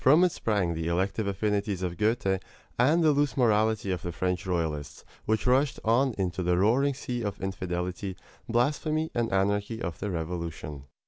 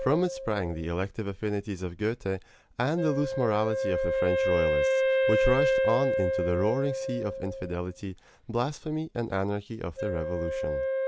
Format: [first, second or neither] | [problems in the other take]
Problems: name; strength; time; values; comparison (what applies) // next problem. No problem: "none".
first | background sound (Wind instrument, woodwind instrument); 1 dB above the speech